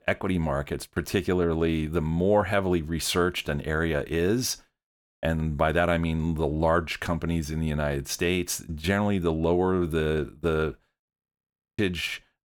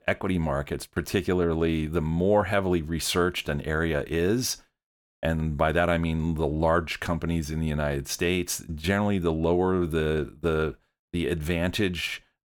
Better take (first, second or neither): second